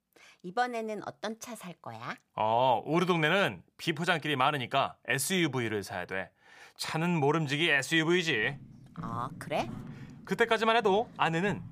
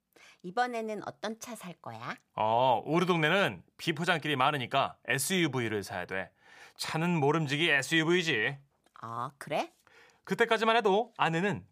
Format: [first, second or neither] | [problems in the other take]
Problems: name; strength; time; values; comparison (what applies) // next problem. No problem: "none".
second | footsteps; faint; from 8.5 s on; peak 15 dB below the speech